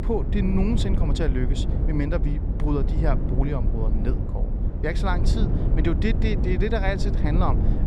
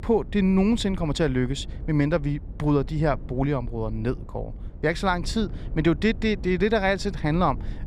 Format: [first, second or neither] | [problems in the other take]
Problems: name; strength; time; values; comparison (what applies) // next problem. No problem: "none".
second | low rumble; loud; throughout; 6 dB below the speech; faint in the second